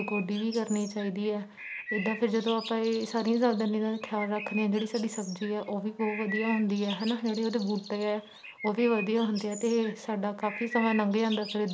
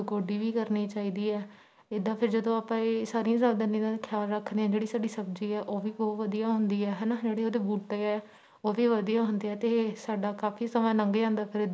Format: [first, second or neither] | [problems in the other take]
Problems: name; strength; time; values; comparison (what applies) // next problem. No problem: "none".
second | background sound (Bird); 12 dB below the speech